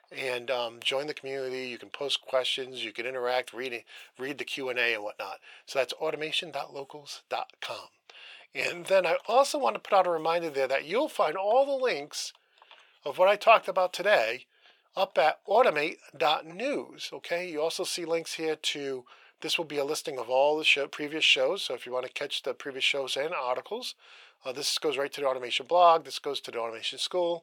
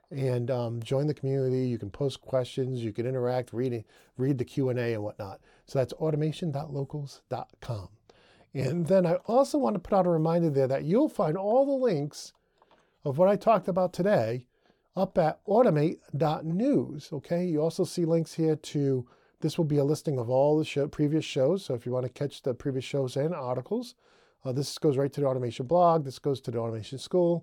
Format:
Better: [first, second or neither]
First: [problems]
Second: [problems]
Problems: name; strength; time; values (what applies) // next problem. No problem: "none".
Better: second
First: thin; very; fading below 750 Hz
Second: none